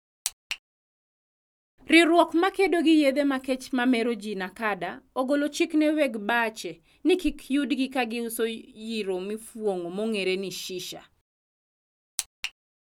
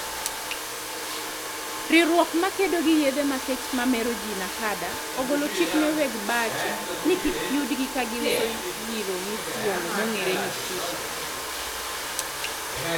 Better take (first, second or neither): first